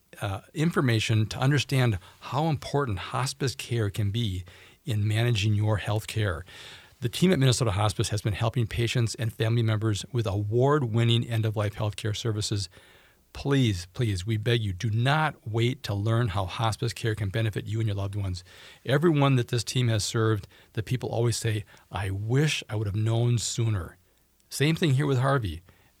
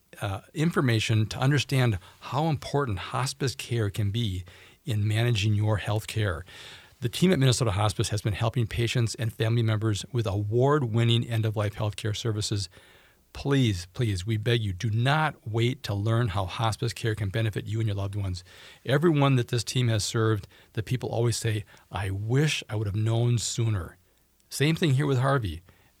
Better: neither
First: none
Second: none

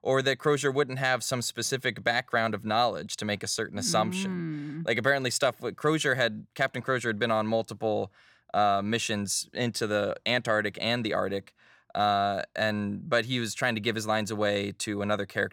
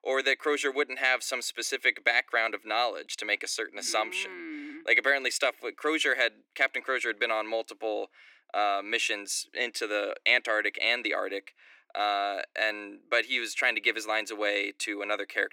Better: first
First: none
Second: thin; somewhat; fading below 300 Hz

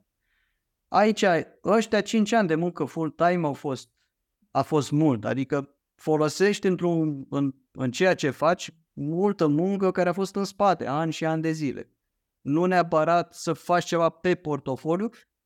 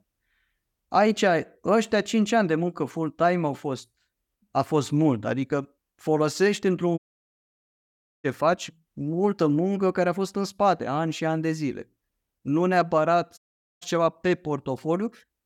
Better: first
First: none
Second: audio cutting out; at 7 s for 1.5 s and at 13 s

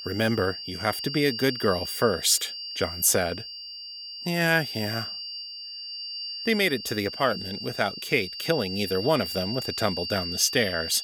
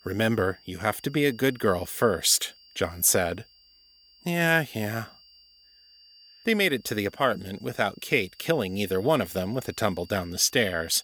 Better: second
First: high-pitched whine; loud; throughout; 4.5 kHz, 7 dB below the speech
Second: high-pitched whine; faint; throughout; 4.5 kHz, 25 dB below the speech

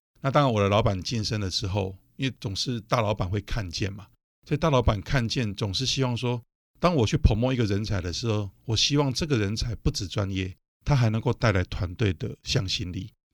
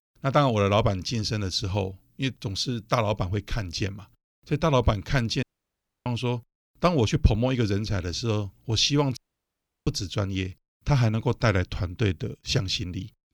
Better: first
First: none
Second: audio cutting out; at 5.5 s for 0.5 s and at 9 s for 0.5 s

